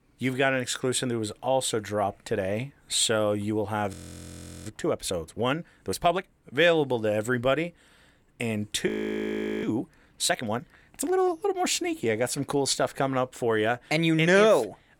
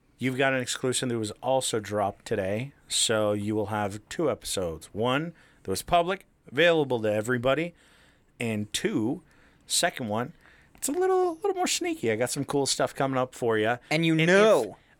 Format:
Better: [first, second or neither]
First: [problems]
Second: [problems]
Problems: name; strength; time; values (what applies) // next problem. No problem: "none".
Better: second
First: audio freezing; at 4 s for 0.5 s and at 9 s for 1 s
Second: none